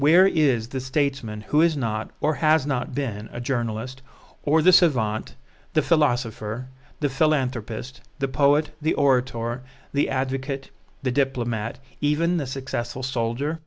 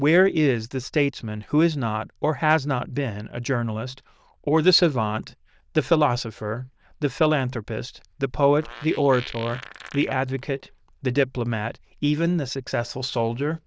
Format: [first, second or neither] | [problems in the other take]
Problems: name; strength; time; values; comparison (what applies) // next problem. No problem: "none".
first | noise reduction (neural diffusion model UNIVERSE++)